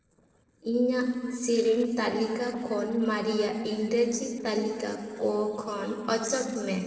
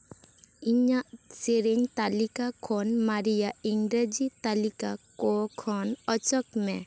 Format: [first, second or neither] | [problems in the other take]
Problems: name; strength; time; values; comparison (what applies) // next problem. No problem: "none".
second | noise reduction (neural separator model SepFormer DNS4)